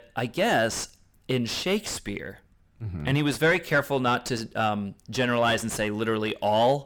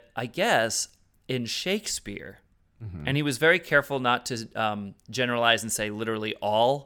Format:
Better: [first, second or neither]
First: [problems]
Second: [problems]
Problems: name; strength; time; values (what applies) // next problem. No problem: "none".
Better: second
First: distortion; heavy; 8 dB below the speech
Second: none